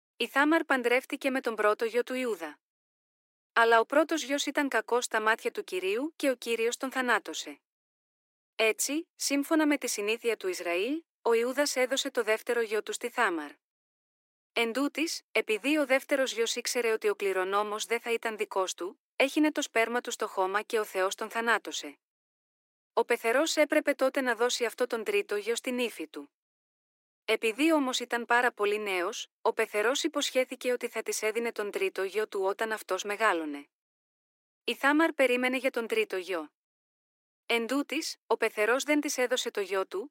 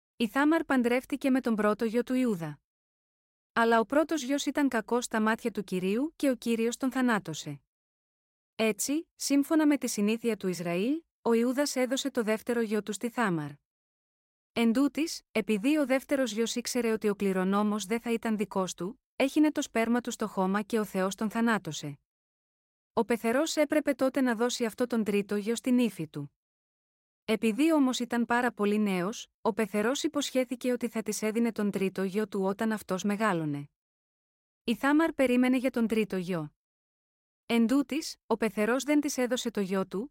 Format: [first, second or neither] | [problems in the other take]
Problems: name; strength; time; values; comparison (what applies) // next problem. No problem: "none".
second | thin; somewhat; fading below 300 Hz